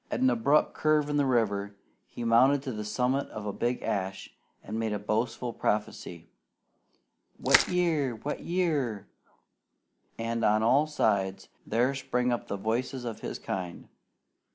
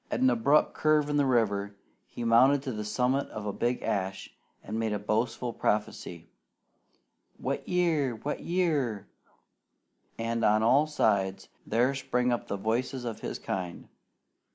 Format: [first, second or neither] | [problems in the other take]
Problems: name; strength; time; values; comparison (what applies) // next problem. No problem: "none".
second | background sound (Crushing); 4 dB below the speech